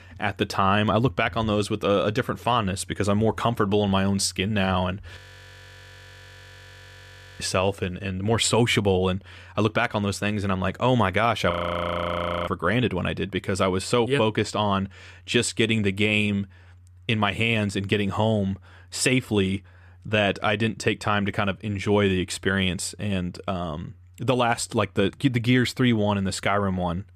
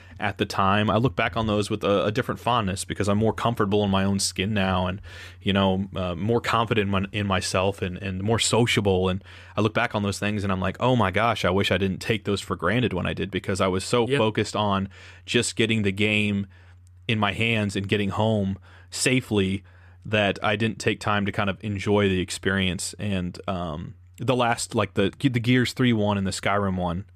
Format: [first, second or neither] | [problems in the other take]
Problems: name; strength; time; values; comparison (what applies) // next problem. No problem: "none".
second | audio freezing; at 5 s for 2 s and at 12 s for 1 s